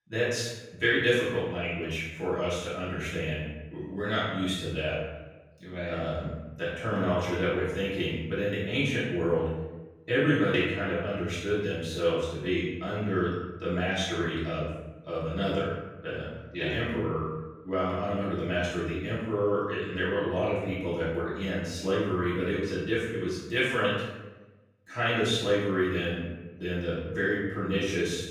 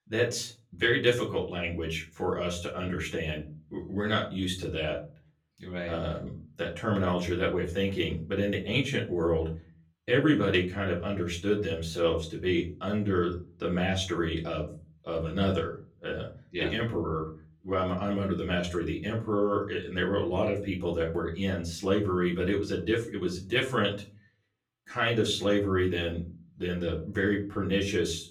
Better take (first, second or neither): second